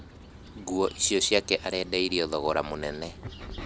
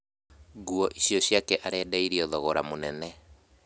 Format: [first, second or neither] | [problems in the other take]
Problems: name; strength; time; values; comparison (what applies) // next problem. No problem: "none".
second | background sound (Bird vocalization, bird call, bird song); 15 dB below the speech